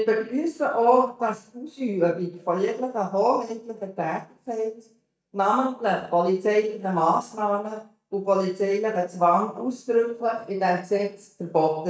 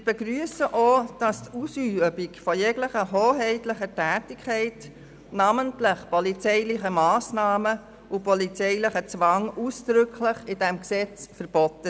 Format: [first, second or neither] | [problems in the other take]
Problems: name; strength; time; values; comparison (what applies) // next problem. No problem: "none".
second | noise reduction (neural mask model DeepFilterNet 3)